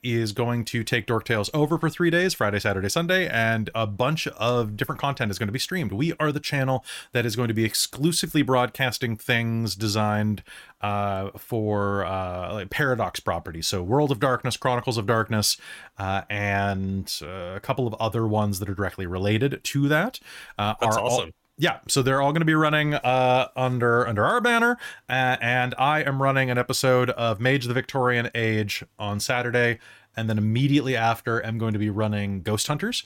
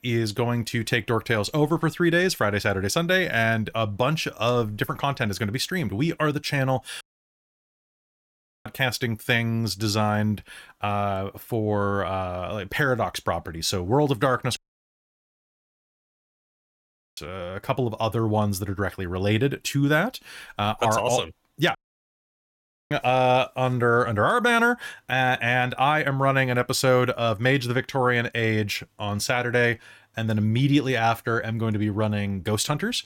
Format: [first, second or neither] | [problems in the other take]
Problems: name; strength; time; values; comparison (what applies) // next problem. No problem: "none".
first | audio cutting out; at 7 s for 1.5 s, at 15 s for 2.5 s and at 22 s for 1 s